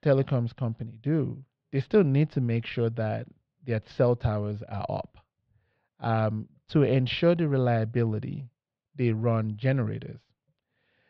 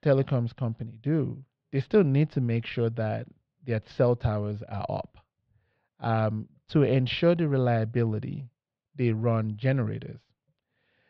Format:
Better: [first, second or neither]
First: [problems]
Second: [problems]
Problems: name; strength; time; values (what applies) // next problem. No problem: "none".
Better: neither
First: muffled; slightly; fading above 3.5 kHz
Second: muffled; slightly; fading above 3.5 kHz